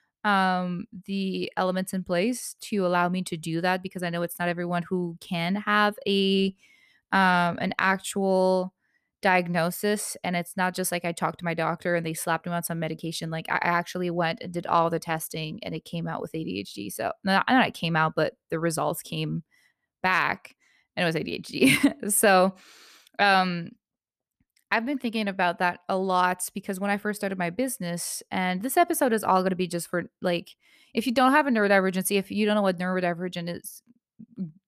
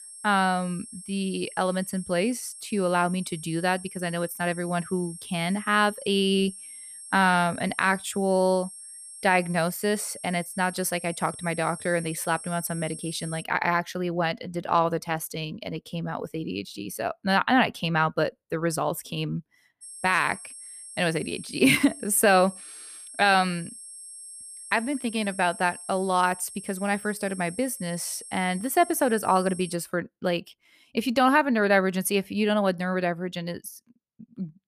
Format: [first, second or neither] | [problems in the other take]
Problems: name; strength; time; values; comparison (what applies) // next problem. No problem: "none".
first | high-pitched whine; noticeable; until 13 s and from 20 to 30 s; 8.5 kHz, 15 dB below the speech